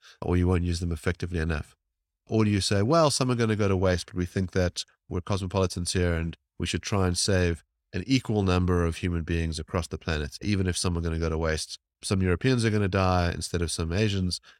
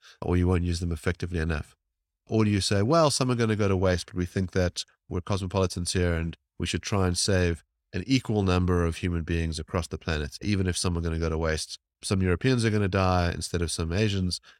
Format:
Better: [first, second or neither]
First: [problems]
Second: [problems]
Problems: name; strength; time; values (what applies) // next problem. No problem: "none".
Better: neither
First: none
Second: none